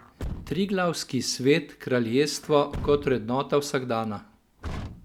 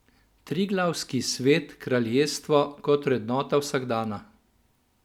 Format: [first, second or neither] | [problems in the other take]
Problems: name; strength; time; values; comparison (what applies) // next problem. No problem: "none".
second | background sound (Truck); 14 dB below the speech